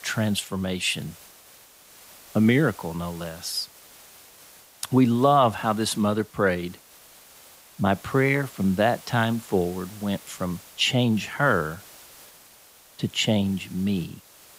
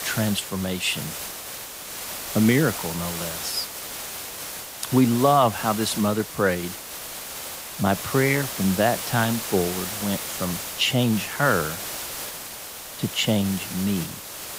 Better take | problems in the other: first | hiss; loud; throughout; 7 dB below the speech; faint in the first

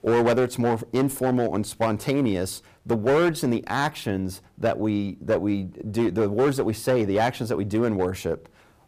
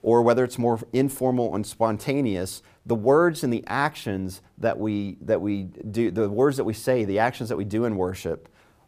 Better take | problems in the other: second | distortion; slight; 8% of the sound clipped

